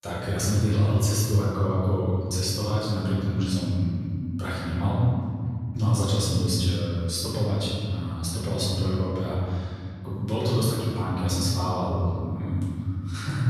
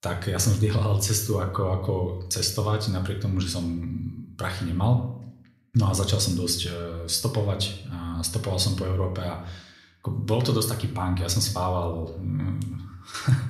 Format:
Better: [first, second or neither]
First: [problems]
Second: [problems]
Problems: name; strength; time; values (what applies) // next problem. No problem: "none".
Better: second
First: room echo; strong; dies away in 2.8 s // off-mic speech; far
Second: room echo; slight; dies away in 0.6 s